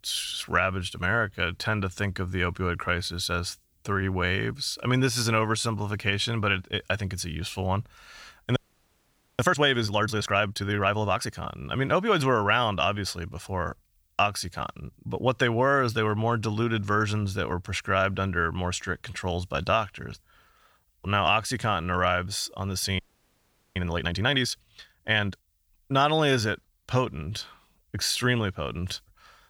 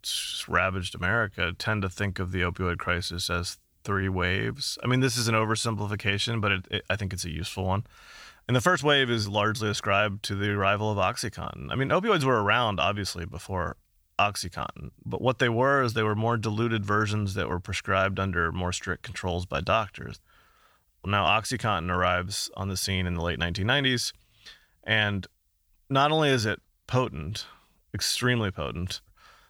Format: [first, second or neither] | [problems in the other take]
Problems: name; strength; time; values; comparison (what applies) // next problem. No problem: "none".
second | audio freezing; at 8.5 s for 1 s and at 23 s for 1 s